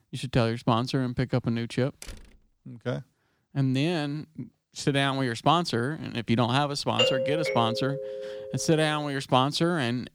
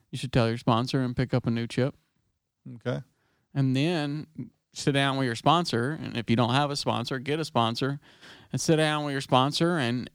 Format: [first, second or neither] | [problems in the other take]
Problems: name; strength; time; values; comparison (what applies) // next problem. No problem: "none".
second | door banging; faint; at 2 s; peak 15 dB below the speech // doorbell; loud; from 7 to 8.5 s; peak 3 dB above the speech